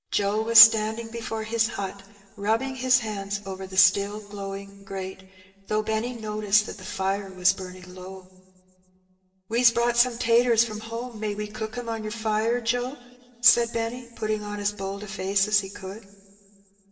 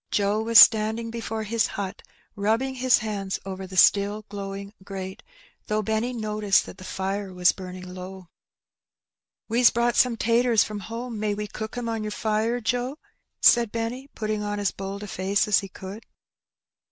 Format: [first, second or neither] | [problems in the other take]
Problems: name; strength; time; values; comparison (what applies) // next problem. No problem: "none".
second | room echo; dies away in 2 s